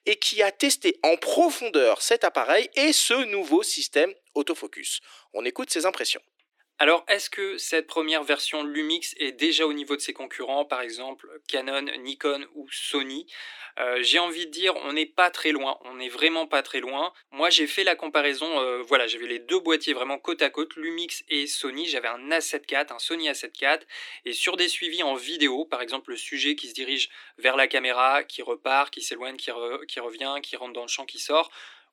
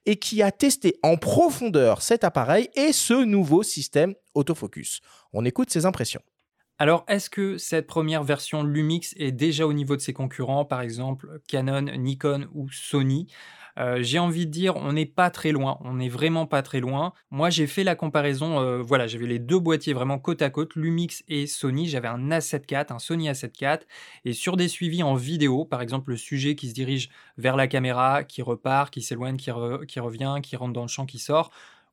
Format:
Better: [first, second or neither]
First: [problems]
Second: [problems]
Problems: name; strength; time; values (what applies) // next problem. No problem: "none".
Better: second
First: thin; somewhat; fading below 300 Hz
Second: none